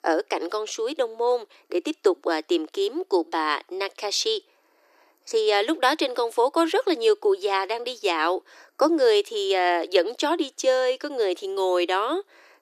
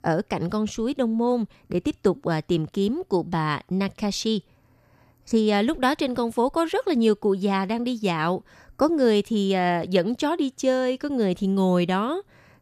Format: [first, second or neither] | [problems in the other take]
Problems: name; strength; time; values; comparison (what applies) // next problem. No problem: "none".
second | thin; very; fading below 300 Hz